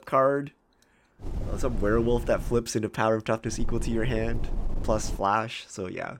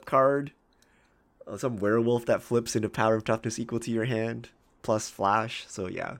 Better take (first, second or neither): second